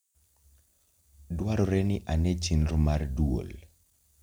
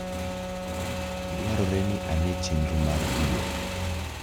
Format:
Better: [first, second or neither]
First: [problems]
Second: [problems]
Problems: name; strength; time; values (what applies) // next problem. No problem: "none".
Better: first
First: none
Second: background sound (Motorcycle + Wind instrument, woodwind instrument); 1 dB below the speech